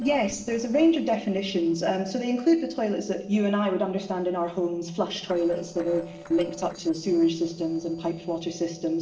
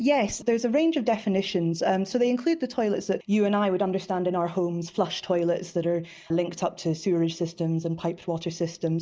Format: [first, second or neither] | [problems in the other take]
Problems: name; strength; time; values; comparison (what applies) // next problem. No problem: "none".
second | noise reduction (neural separator model SepFormer DNS4)